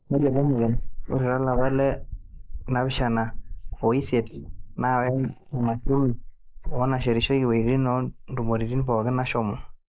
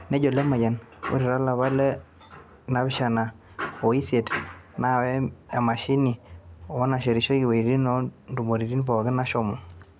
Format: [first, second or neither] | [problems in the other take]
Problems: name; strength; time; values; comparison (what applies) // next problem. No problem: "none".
second | noise reduction (neural mask model Resemble Enhance denoiser)